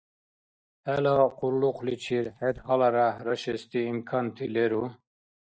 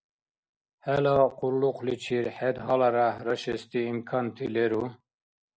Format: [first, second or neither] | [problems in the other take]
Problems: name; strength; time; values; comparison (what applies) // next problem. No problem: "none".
second | noise reduction (neural mask model DeepFilterNet 3)